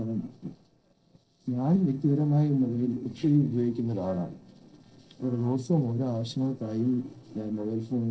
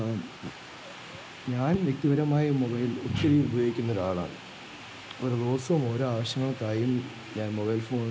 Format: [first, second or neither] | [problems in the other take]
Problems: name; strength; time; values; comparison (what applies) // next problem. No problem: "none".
second | noise reduction (neural separator model SepFormer DNS4)